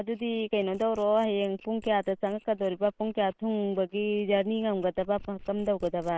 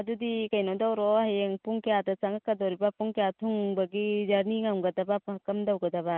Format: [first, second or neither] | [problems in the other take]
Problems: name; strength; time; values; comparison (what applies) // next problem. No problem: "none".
second | noise reduction (neural mask model Resemble Enhance denoiser)